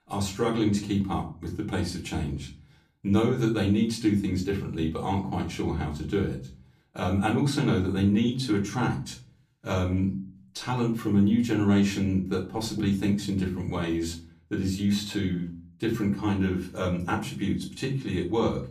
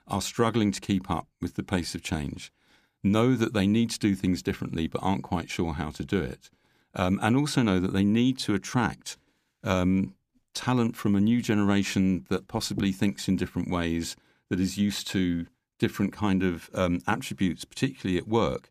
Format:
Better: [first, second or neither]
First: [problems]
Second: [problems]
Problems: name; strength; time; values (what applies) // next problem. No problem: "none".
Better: second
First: off-mic speech; far // room echo; very slight; dies away in 0.4 s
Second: none